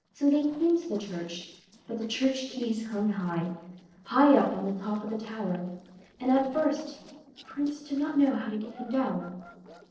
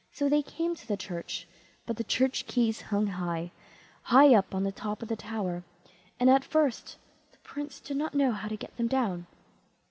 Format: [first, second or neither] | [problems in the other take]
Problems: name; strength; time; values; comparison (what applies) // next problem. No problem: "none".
second | noise reduction (neural separator model SepFormer DNS4)